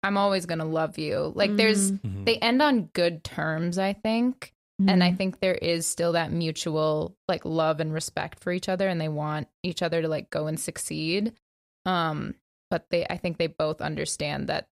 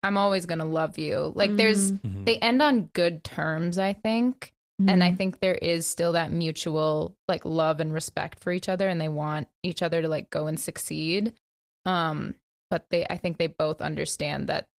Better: first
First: none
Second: garbled, watery; slightly; nothing above 15.5 kHz

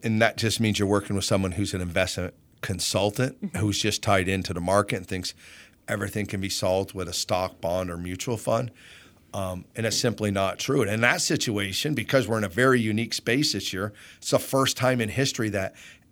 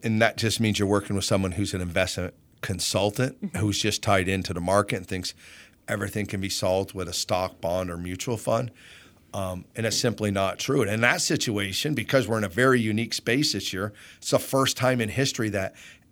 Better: neither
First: none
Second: none

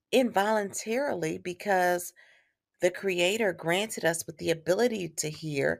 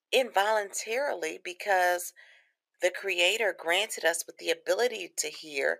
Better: first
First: none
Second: thin; very; fading below 450 Hz

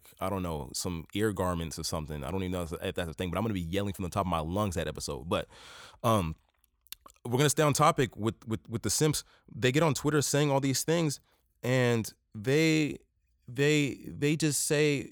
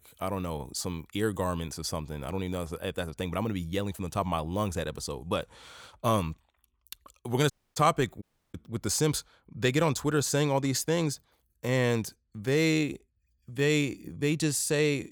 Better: first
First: none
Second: audio cutting out; at 7.5 s and at 8 s

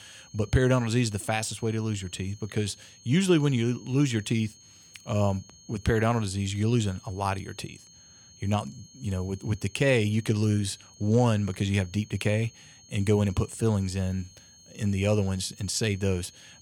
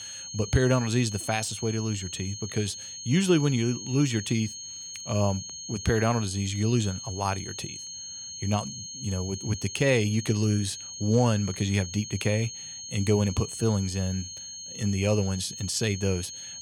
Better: first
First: high-pitched whine; faint; throughout; 6.5 kHz, 25 dB below the speech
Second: high-pitched whine; loud; throughout; 6.5 kHz, 9 dB below the speech

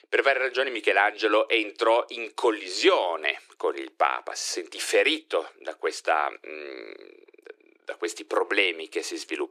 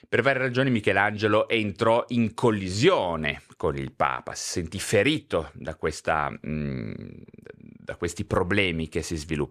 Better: second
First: thin; very; fading below 300 Hz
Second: none

